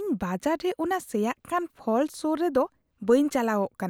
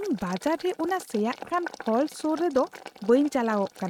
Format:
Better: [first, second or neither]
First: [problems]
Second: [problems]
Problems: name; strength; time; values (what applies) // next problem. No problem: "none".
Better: first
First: none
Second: noise reduction (neural mask model RNNoise)